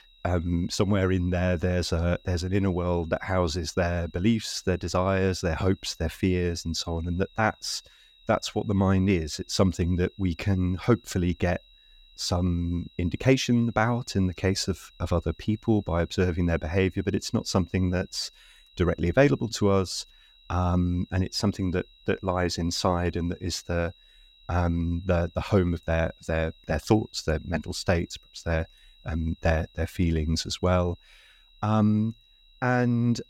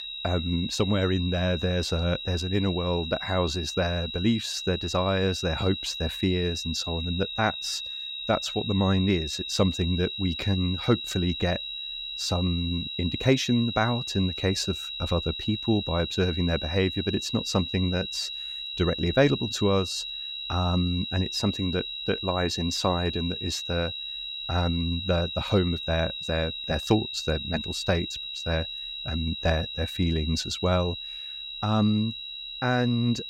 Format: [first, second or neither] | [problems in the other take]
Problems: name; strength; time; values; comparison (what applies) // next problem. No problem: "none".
first | high-pitched whine; loud; throughout; 4 kHz, 5 dB below the speech; faint in the first